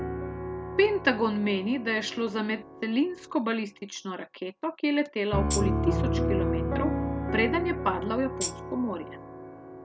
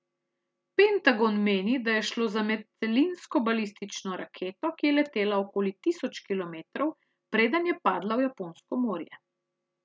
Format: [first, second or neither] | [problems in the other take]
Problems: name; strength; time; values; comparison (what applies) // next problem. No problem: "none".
second | background sound (Tambourine + Piano); 2 dB below the speech